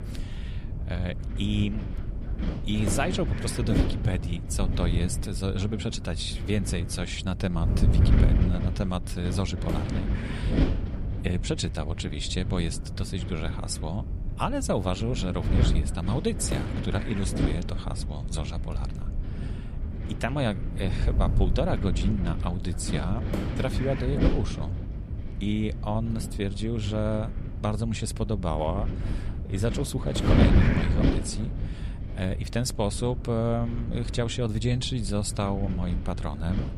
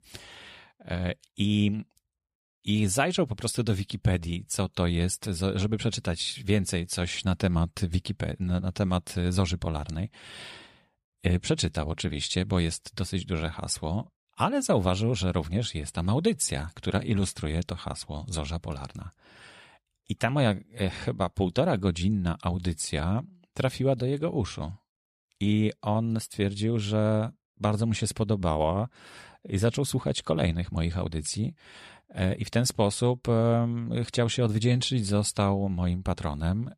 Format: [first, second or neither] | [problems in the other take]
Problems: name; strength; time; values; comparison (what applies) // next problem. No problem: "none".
second | wind noise on the microphone; heavy; 5 dB below the speech